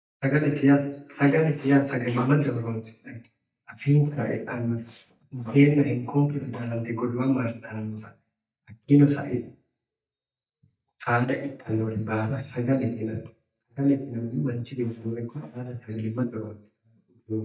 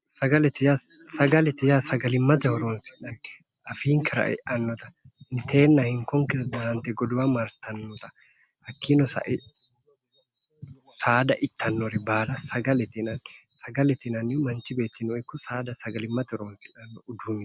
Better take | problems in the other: second | noise reduction (neural mask model DeepFilterNet 3)

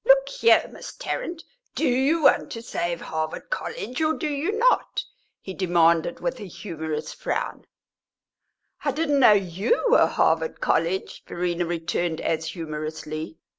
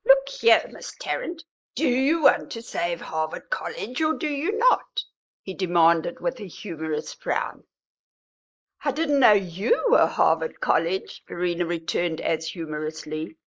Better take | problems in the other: first | noise reduction (neural mask model Resemble Enhance denoiser)

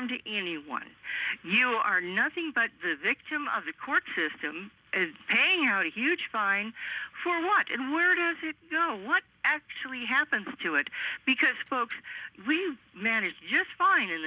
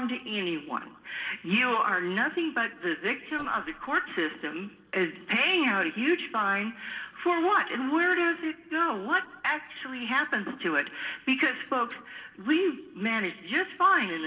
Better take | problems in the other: first | noise reduction (neural separator model SepFormer DNS4)

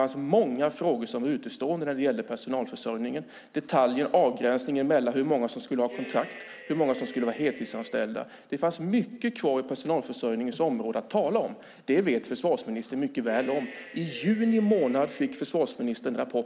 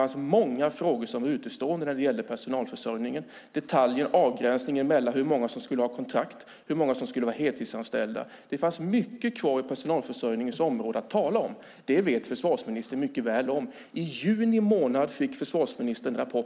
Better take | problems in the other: second | background sound (Cheering); 17 dB below the speech

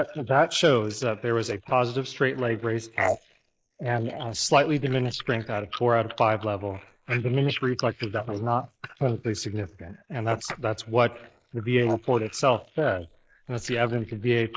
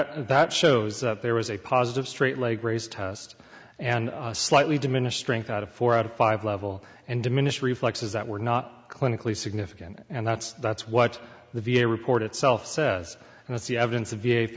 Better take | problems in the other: second | noise reduction (neural mask model Resemble Enhance denoiser)

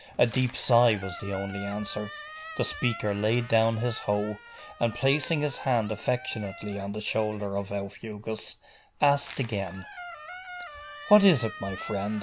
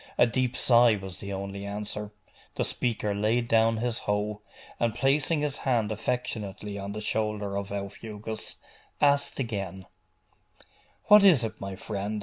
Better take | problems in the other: second | background sound (Squeak); 15 dB below the speech

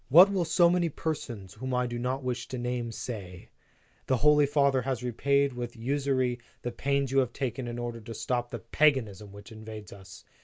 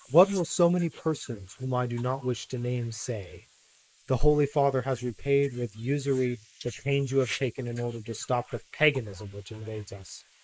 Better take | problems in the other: first | noise reduction (neural mask model Resemble Enhance denoiser)

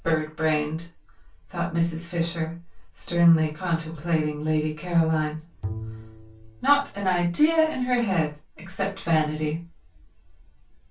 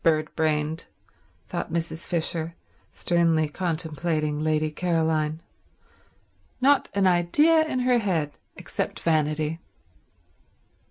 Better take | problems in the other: second | background sound (Bowed string instrument); 13 dB below the speech // room echo; dies away in 0.2 s

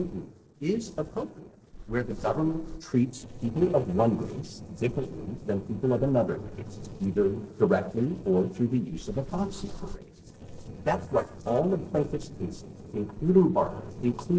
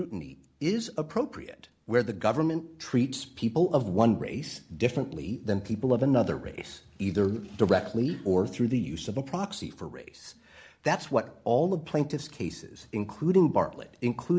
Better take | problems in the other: second | noise reduction (neural separator model SepFormer DNS4)

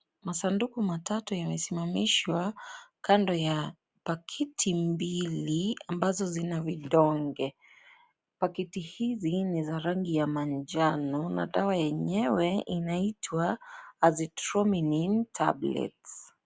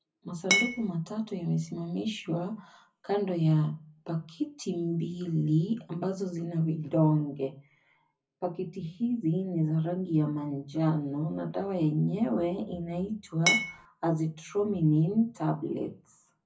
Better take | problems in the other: first | background sound (Glass); 3 dB above the speech // room echo; dies away in 0.4 s

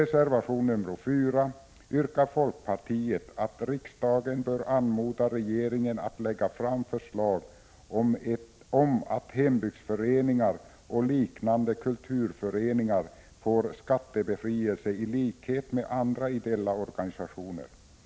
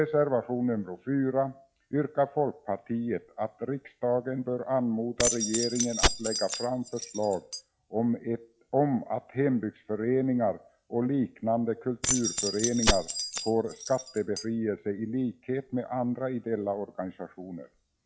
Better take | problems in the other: first | noise reduction (classical method log-MMSE)

